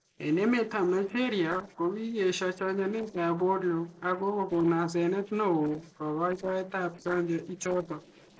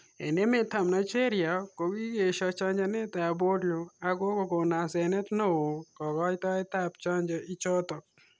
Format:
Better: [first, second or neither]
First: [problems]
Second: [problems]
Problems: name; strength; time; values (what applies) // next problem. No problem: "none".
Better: second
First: noise reduction (neural separator model SepFormer DNS4)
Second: none